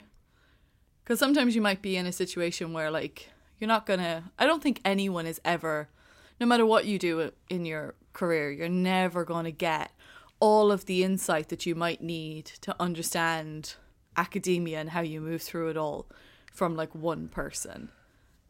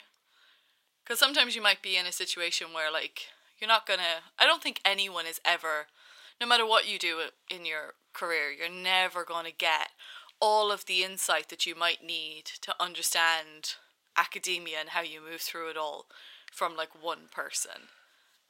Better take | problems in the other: first | thin; very; fading below 850 Hz

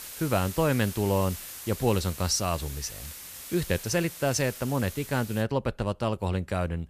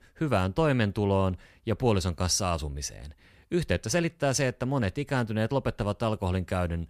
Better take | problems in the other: second | hiss; noticeable; until 5.5 s; 10 dB below the speech

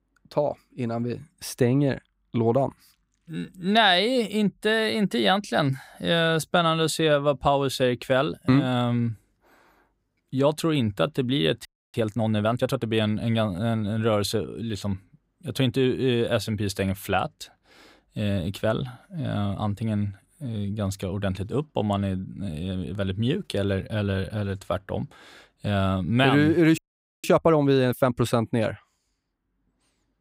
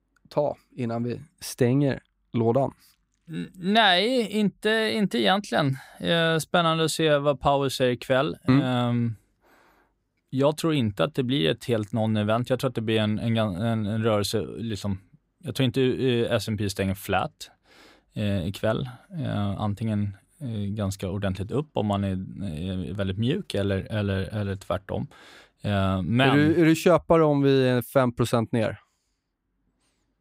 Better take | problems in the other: second | audio freezing; at 12 s and at 27 s

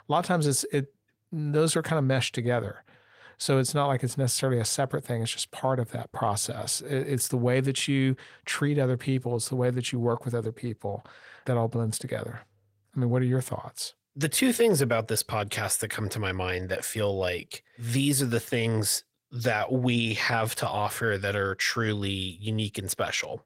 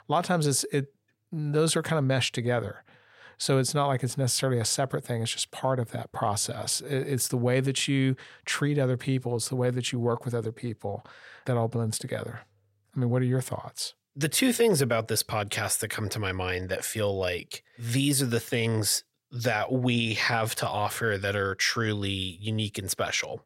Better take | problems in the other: second | garbled, watery; slightly; nothing above 16 kHz

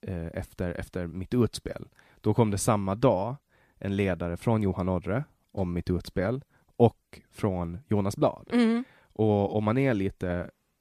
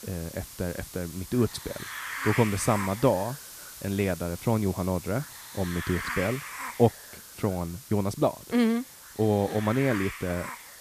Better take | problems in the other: first | hiss; loud; throughout; 10 dB below the speech

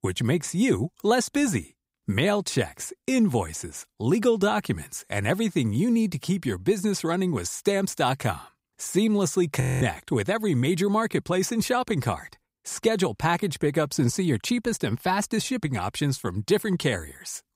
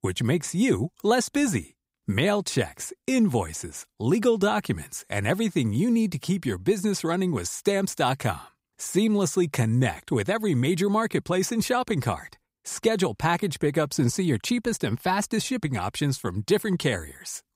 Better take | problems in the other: second | audio freezing; at 9.5 s

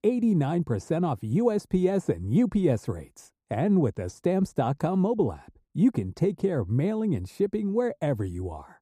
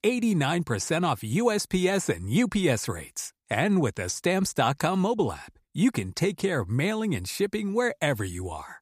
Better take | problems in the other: second | muffled; slightly; fading above 1 kHz

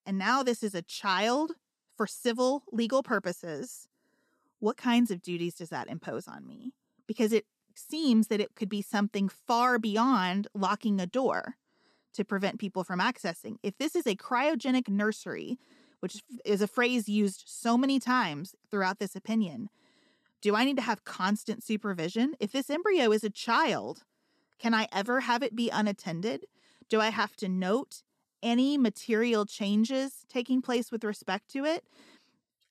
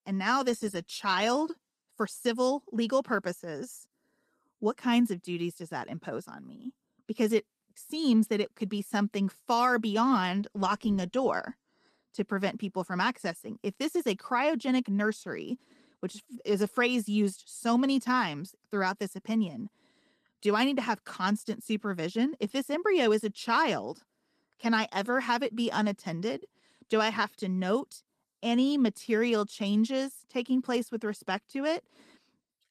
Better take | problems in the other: first | garbled, watery; slightly; nothing above 14 kHz

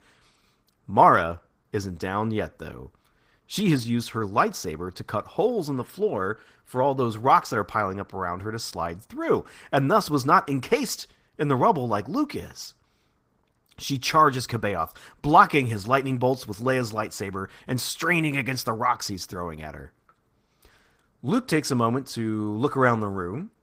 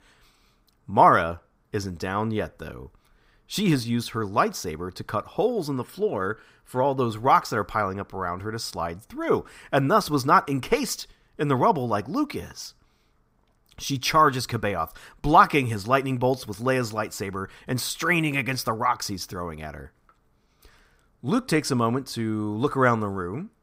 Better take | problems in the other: second | garbled, watery; slightly; nothing above 15.5 kHz

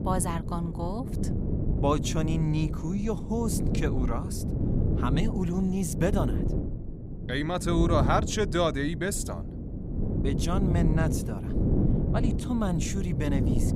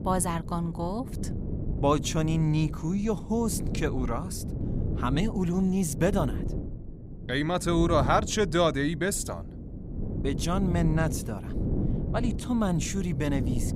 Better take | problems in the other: second | wind noise on the microphone; heavy; 7 dB below the speech; occasional gusts in the second

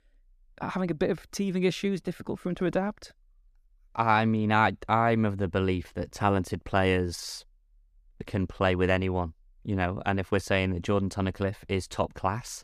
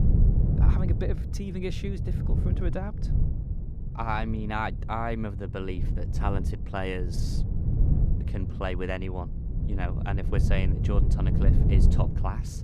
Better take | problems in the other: first | wind noise on the microphone; heavy; 7 dB below the speech

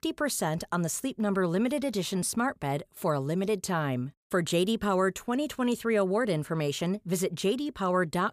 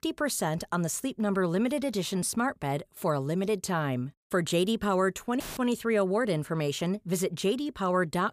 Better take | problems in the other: first | audio cutting out; filled with static; at 5.5 s

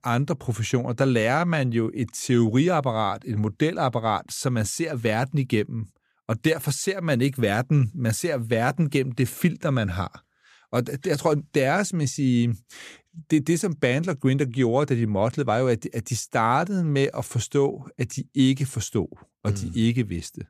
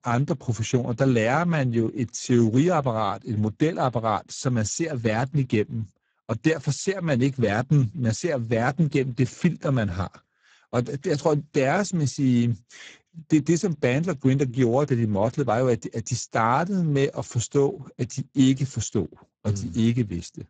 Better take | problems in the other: first | garbled, watery; badly; nothing above 7.5 kHz

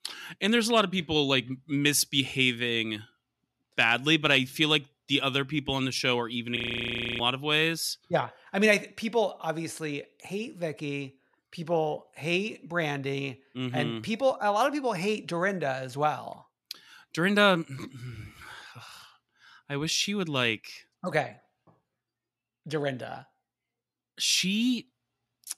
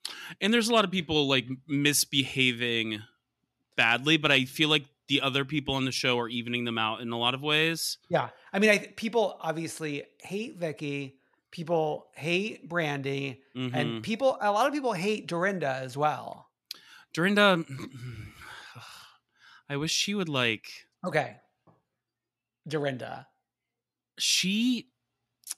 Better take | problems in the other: second | audio freezing; at 6.5 s for 0.5 s

